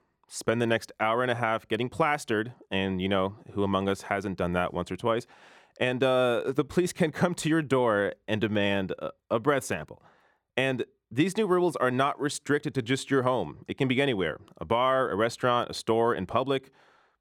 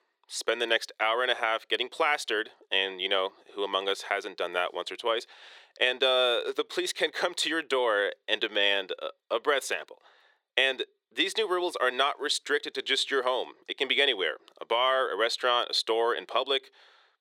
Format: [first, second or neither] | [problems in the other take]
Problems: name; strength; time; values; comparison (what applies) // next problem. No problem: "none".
first | thin; very; fading below 400 Hz